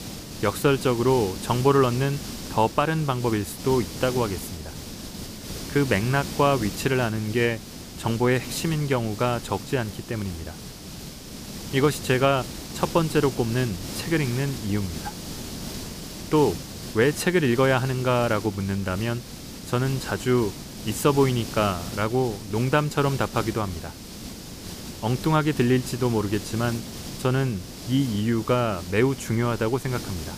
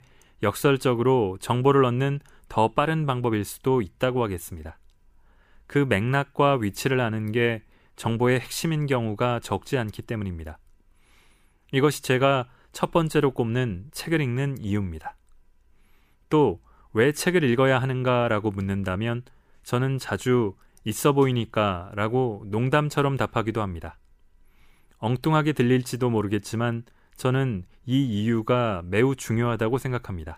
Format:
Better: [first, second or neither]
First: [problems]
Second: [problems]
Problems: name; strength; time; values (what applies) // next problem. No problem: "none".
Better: second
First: hiss; noticeable; throughout; 10 dB below the speech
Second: none